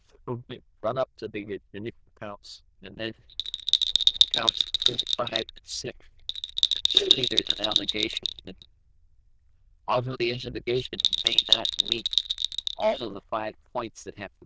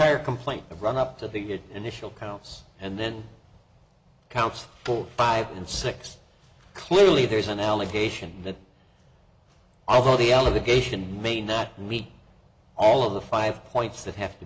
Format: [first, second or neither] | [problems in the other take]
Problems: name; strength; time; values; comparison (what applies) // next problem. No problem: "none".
second | noise reduction (neural diffusion model UNIVERSE++)